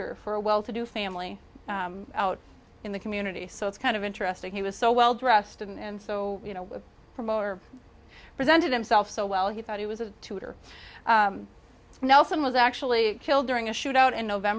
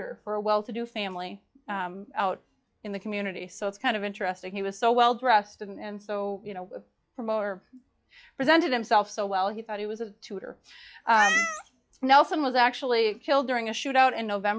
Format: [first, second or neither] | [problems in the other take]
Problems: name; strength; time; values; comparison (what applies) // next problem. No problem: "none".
first | noise reduction (classical method log-MMSE)